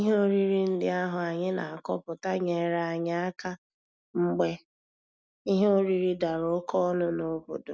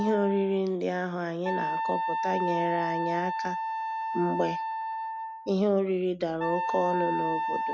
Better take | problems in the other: first | background sound (Wind instrument, woodwind instrument); 2 dB below the speech

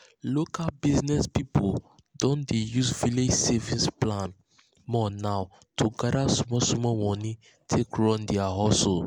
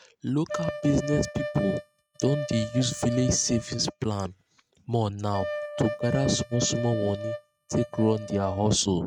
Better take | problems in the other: first | noise reduction (neural mask model RNNoise)

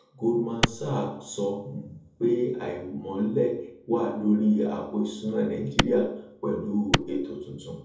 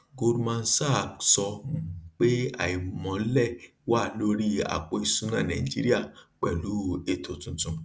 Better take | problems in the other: second | background sound (Clapping); 2 dB above the speech // room echo; dies away in 0.7 s

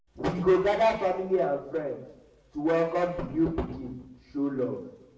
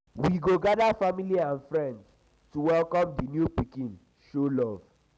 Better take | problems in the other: second | room echo; dies away in 0.7 s

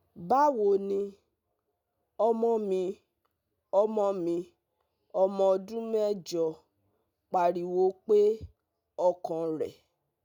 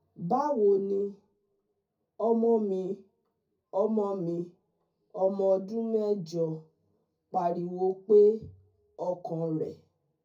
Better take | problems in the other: first | room echo; dies away in 0.3 s

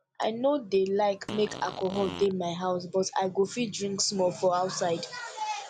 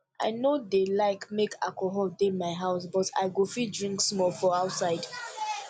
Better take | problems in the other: second | background sound (Fart); 11 dB below the speech

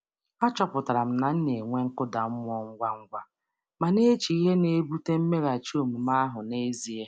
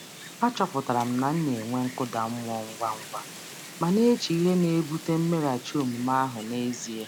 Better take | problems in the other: first | background sound (Wind); 15 dB below the speech

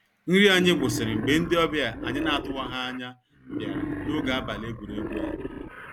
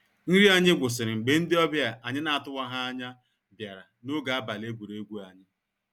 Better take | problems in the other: second | background sound (Wild animals); 7 dB below the speech

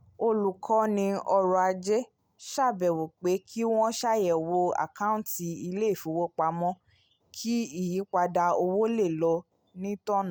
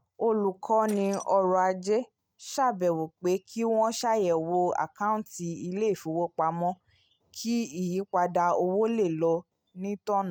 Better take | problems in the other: first | noise reduction (neural mask model RNNoise)

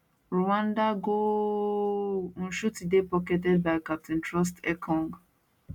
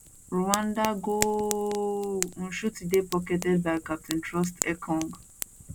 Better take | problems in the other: first | background sound (Fire); 9 dB below the speech

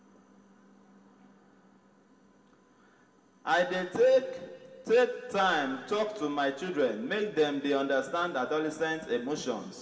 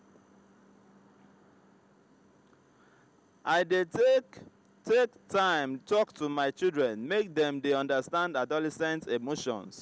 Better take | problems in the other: second | room echo; dies away in 1.8 s

